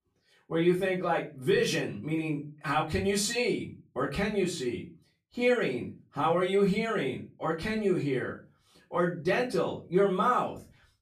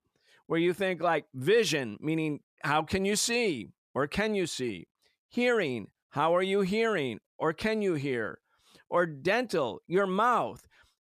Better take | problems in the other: second | off-mic speech; far // room echo; slight; dies away in 0.3 s

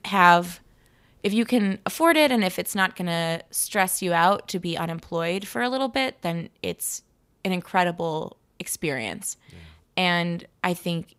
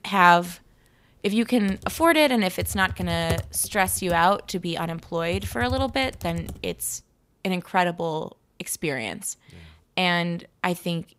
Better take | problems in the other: first | keyboard typing; noticeable; from 1.5 to 6.5 s; peak 7 dB below the speech

